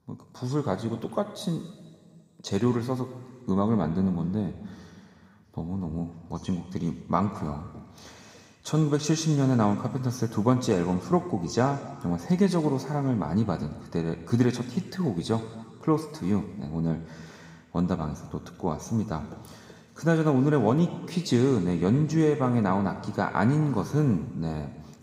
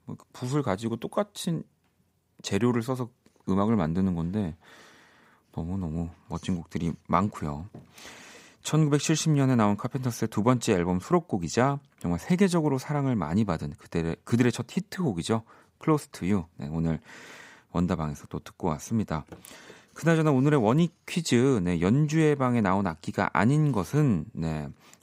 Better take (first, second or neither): second